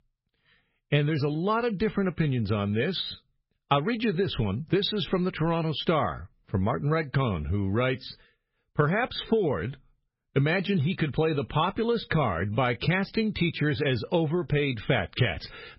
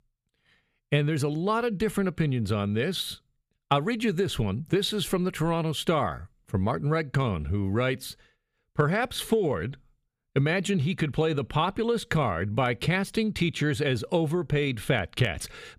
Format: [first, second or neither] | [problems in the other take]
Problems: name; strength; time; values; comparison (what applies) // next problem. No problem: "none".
second | garbled, watery; badly